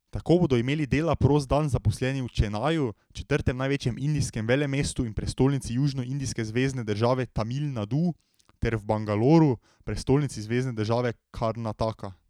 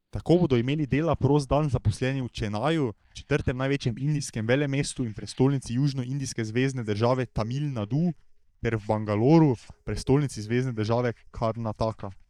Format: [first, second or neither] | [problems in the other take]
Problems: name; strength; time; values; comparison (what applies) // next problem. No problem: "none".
first | noise reduction (neural mask model DeepFilterNet 3)